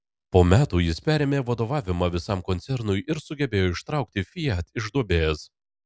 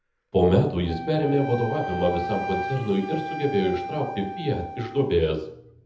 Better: first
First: none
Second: background sound (Wind instrument, woodwind instrument); 9 dB below the speech // room echo; dies away in 0.7 s

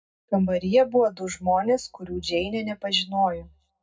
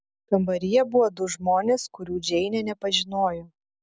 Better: second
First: room echo; dies away in 0.3 s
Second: none

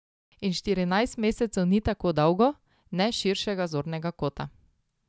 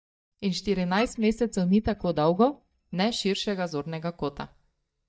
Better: first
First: none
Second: noise reduction (neural mask model DeepFilterNet 3)

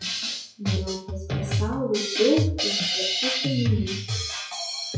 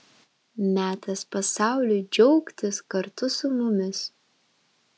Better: second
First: noise reduction (classical method WPE with log-MMSE)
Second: none

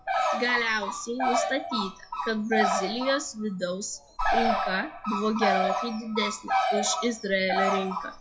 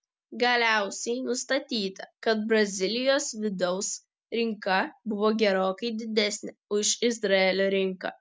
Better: second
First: noise reduction (classical method WPE with log-MMSE)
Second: none

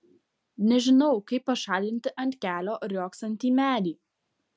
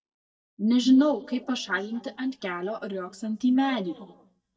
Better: first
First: none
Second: noise reduction (neural mask model DeepFilterNet 3)

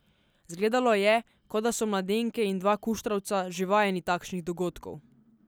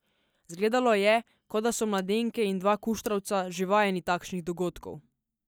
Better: first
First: none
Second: noise reduction (neural mask model DeepFilterNet 3)

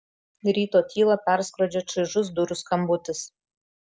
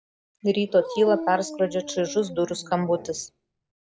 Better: first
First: none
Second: background sound (Dog); 12 dB below the speech

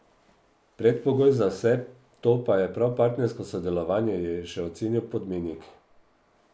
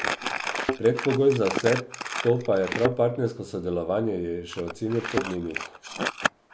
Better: first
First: none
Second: background sound (Thump, thud + Crumpling, crinkling); 6 dB below the speech

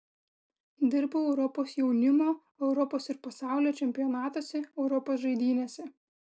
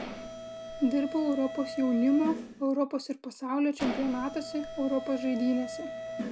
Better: first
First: none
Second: background sound (Mechanisms); 9 dB below the speech

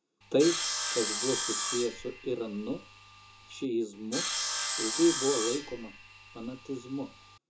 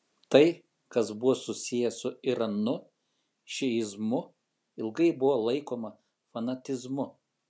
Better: second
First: background sound (Sawing); 3 dB below the speech // room echo; dies away in 0.2 s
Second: none

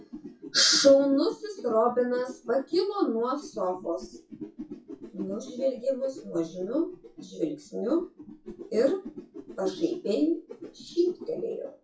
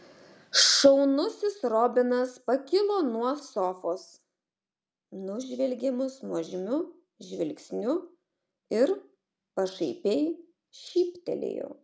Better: second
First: noise reduction (classical method WPE with log-MMSE)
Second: none

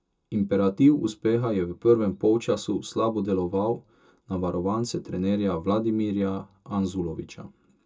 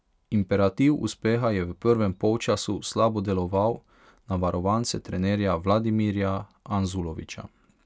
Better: second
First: room echo; dies away in 0.2 s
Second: none

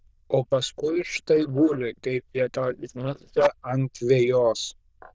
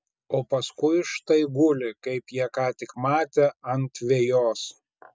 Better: second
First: noise reduction (neural diffusion model UNIVERSE++)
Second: none

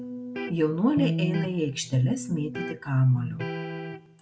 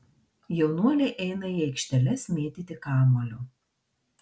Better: second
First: background sound (Electric guitar); 6 dB below the speech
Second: none

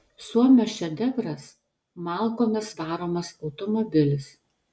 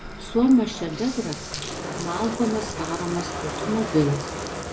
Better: first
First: none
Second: background sound (Bathtub (filling or washing)); 7 dB below the speech

